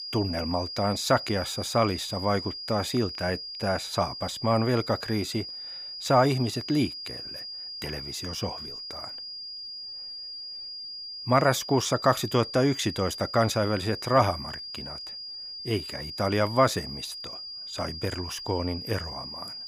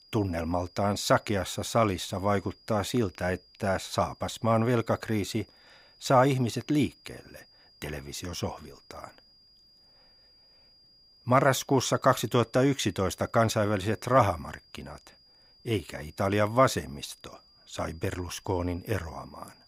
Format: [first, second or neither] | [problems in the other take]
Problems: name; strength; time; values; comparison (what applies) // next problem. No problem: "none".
second | high-pitched whine; loud; throughout; 5 kHz, 8 dB below the speech; faint in the second